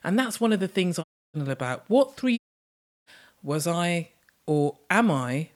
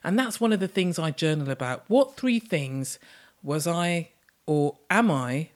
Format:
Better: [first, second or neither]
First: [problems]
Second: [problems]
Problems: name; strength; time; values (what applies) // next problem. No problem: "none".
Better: second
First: audio cutting out; at 1 s and at 2.5 s for 0.5 s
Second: none